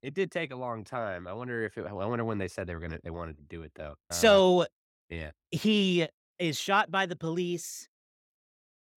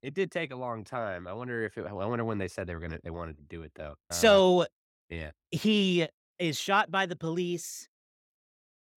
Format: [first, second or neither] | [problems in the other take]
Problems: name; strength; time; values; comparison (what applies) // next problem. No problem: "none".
neither | none